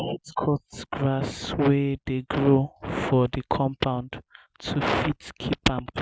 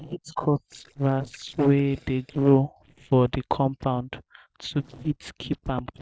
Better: first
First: none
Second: noise reduction (neural separator model SepFormer DNS4)

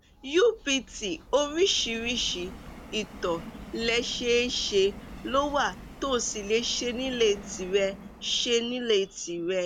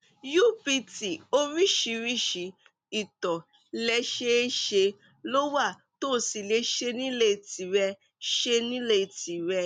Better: second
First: background sound (Subway, metro, underground); 16 dB below the speech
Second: none

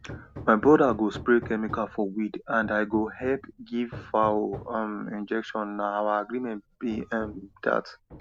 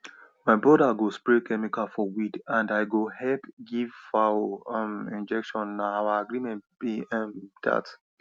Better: second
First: background sound (Hammer); 18 dB below the speech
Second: none

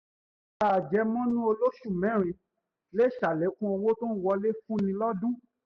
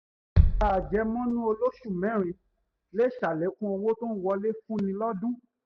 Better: first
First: none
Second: background sound (Bass drum); 1 dB below the speech

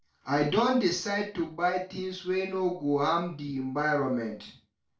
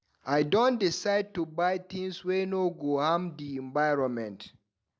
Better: second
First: room echo; dies away in 0.3 s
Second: none

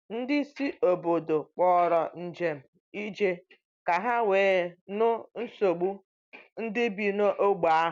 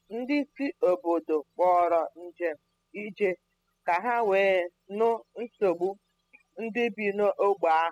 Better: first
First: none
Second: noise reduction (classical method spectral subtraction)

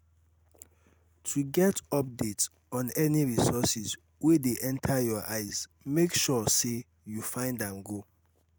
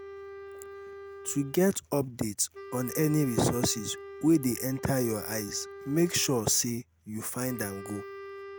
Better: first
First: none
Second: background sound (Wind instrument, woodwind instrument); 14 dB below the speech

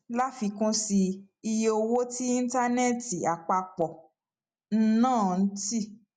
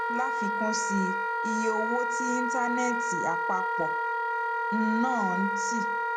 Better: first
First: none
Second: background sound (Wind instrument, woodwind instrument); 3 dB above the speech

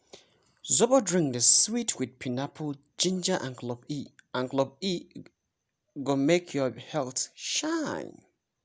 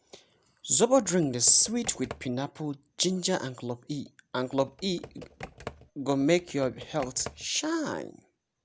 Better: first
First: none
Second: background sound (Computer keyboard); 17 dB below the speech

